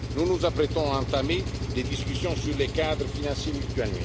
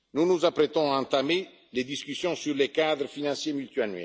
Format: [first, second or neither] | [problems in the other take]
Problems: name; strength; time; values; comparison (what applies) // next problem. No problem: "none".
second | background sound (Engine); 2 dB below the speech